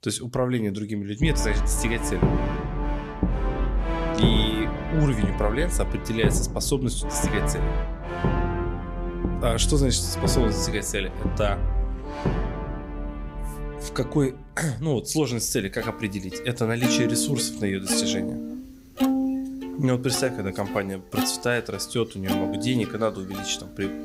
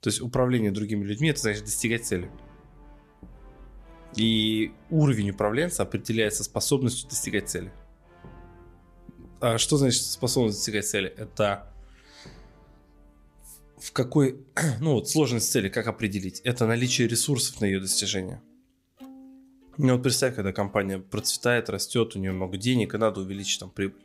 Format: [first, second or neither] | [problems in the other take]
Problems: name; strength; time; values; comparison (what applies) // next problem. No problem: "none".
second | background music; loud; throughout; 2 dB below the speech; faint in the second